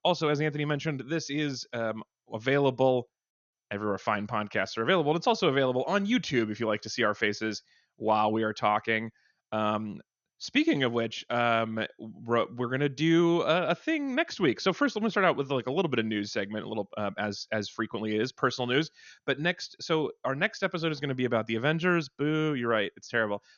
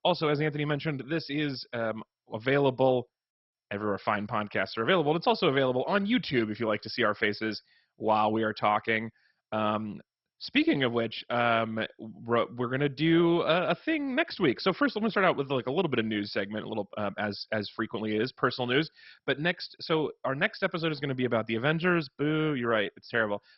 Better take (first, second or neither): first